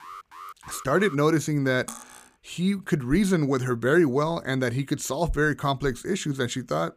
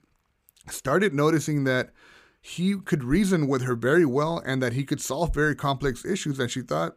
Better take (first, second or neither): second